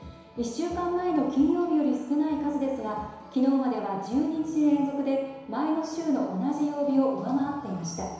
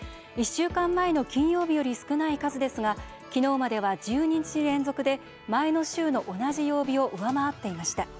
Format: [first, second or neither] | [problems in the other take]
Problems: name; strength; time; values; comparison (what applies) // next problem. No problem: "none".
second | room echo; dies away in 1 s